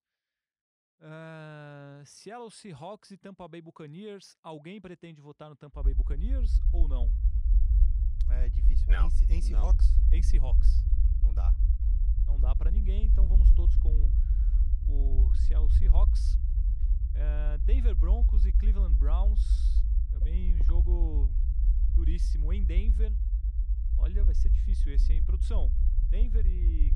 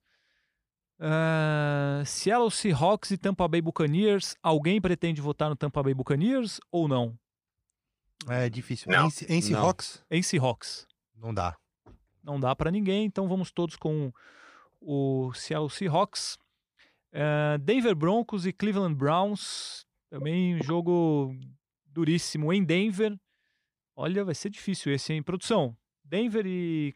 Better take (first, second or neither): second